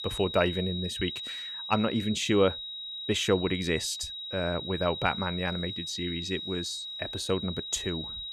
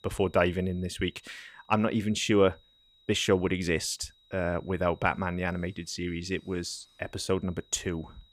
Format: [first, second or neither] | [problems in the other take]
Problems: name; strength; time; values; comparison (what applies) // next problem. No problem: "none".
second | high-pitched whine; loud; throughout; 4 kHz, 6 dB below the speech; faint in the second